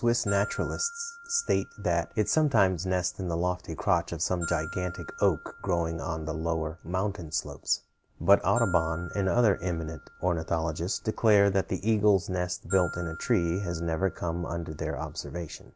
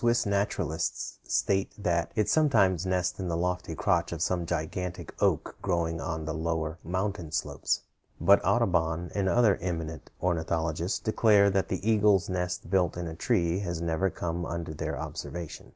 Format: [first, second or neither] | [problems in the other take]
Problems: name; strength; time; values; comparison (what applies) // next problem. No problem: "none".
second | background sound (Glockenspiel); 17 dB below the speech